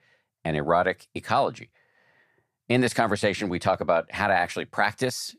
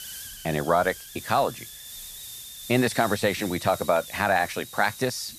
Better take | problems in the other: first | hiss; noticeable; throughout; 15 dB below the speech

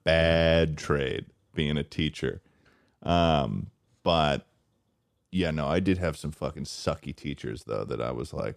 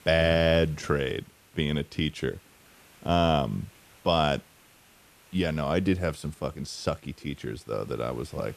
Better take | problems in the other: first | hiss; faint; throughout; 25 dB below the speech

